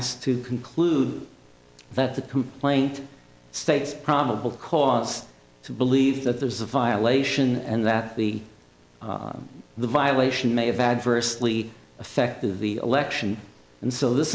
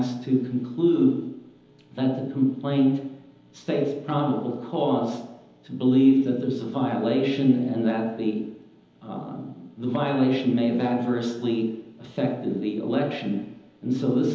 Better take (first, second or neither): first